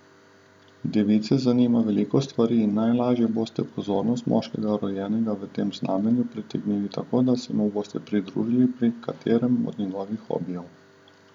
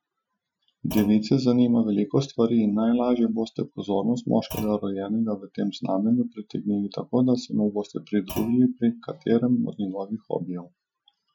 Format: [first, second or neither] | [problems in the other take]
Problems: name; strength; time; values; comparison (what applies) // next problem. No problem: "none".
first | noise reduction (classical method Wiener filter)